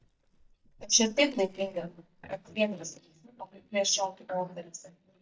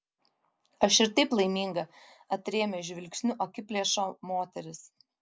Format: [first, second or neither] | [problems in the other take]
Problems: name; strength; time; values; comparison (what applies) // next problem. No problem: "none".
second | noise reduction (neural mask model DeepFilterNet 3)